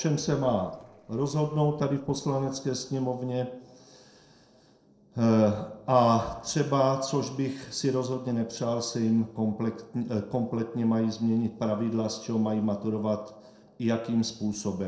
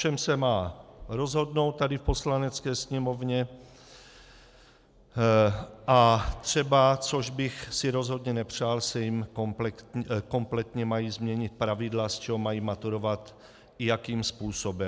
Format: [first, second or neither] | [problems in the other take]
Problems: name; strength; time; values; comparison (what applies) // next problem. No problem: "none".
second | noise reduction (neural separator model SepFormer DNS4)